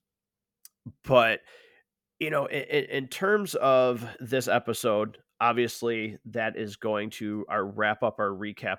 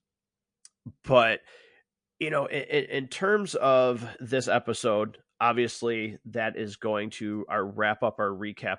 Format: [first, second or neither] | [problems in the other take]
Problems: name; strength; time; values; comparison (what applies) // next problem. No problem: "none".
first | garbled, watery; slightly